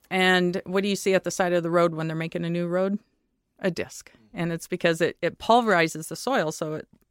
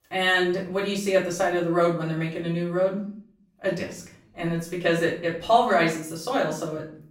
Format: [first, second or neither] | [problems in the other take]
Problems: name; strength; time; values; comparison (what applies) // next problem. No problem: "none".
first | off-mic speech; far // room echo; slight; dies away in 0.5 s